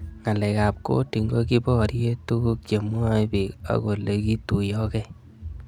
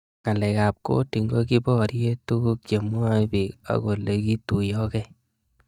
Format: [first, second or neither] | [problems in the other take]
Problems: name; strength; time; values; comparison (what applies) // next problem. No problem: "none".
first | noise reduction (neural mask model DeepFilterNet 3)